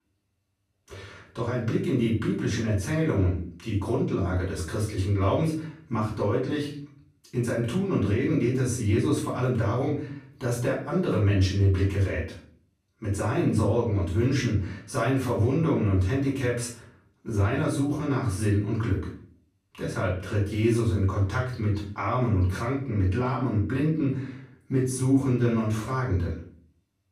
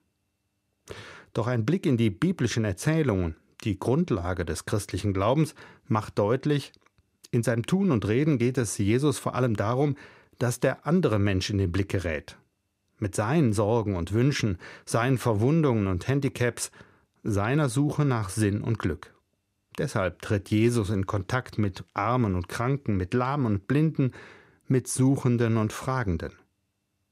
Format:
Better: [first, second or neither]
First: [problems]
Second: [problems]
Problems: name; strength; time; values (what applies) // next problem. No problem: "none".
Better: second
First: off-mic speech; far // room echo; noticeable; dies away in 0.4 s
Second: none